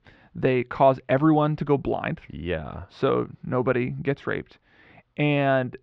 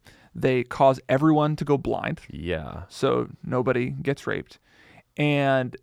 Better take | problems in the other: second | muffled; slightly; fading above 3.5 kHz

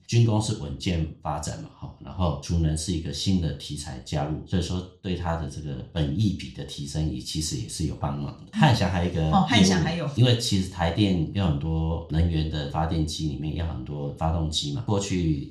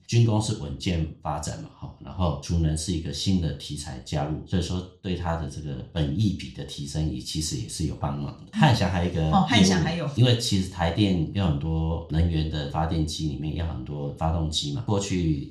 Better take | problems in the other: neither | room echo; slight; dies away in 0.4 s; the same in both // off-mic speech; somewhat distant; the same in both

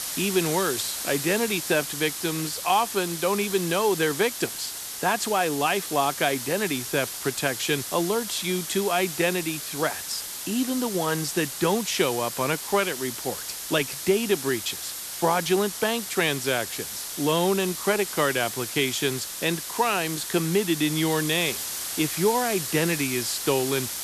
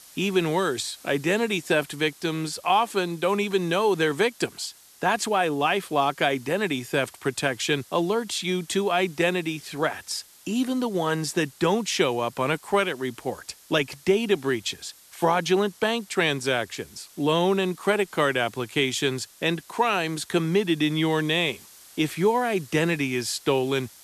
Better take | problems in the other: second | hiss; loud; throughout; 5 dB below the speech; faint in the second

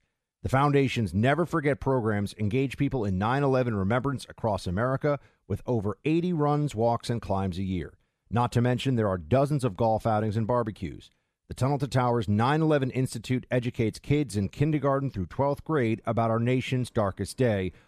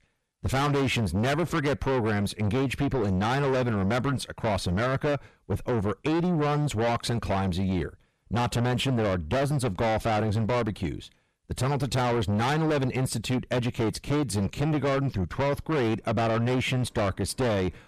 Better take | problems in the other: first | distortion; heavy; 5 dB below the speech

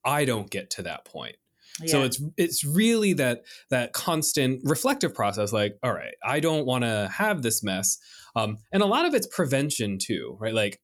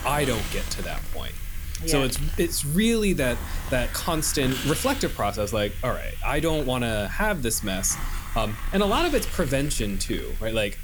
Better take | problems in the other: first | hiss; loud; throughout; 9 dB below the speech

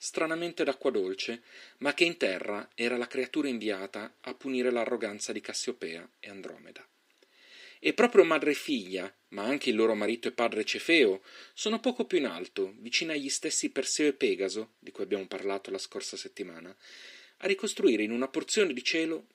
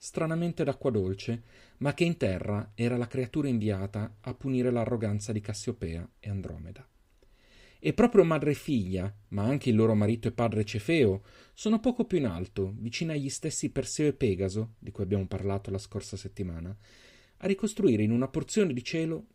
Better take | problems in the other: second | thin; somewhat; fading below 300 Hz

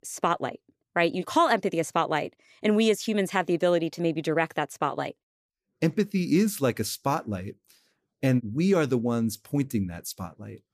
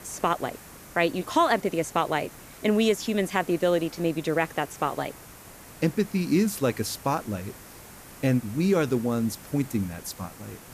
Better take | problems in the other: first | hiss; noticeable; throughout; 20 dB below the speech

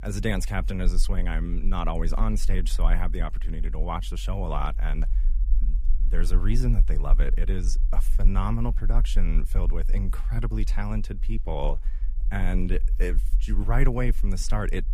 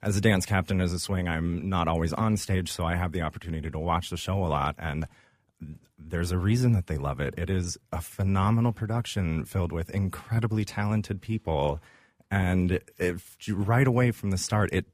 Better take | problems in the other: second | low rumble; noticeable; throughout; 20 dB below the speech

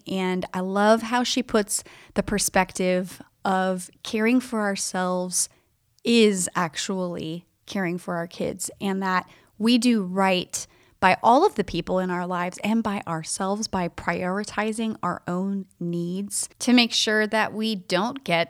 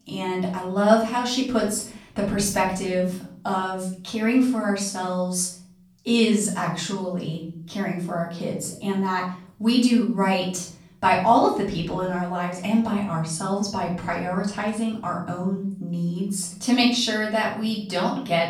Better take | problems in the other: first | off-mic speech; far // room echo; noticeable; dies away in 0.6 s

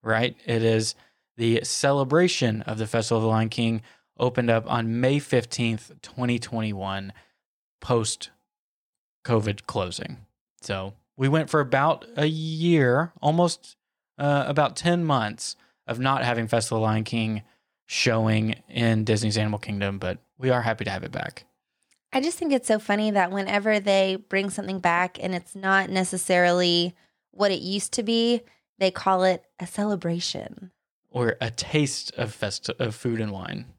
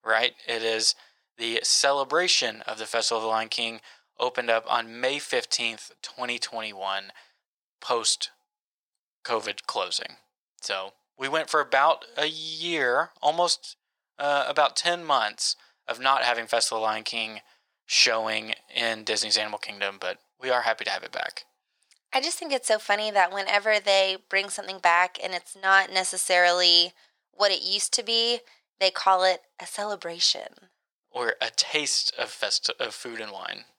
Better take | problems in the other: first | thin; very; fading below 750 Hz

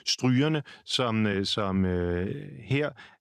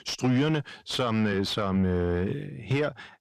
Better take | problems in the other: first | distortion; slight; 10 dB below the speech

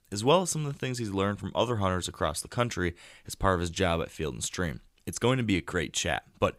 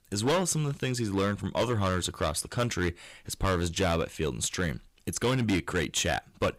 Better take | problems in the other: first | distortion; heavy; 8% of the sound clipped

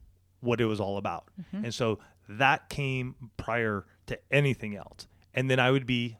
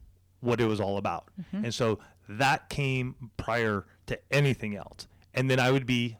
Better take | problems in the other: first | distortion; slight; 3% of the sound clipped

